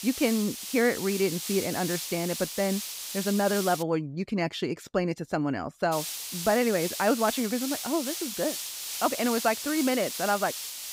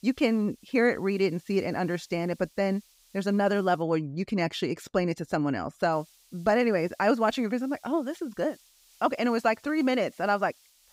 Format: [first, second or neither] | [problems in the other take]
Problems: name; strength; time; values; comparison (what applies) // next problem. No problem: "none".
second | hiss; loud; until 4 s and from 6 s on; 5 dB below the speech; faint in the second